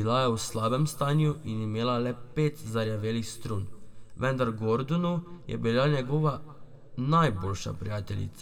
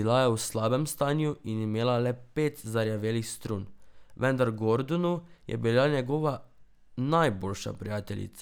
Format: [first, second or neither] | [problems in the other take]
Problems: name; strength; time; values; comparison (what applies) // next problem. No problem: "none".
second | room echo; dies away in 1.6 s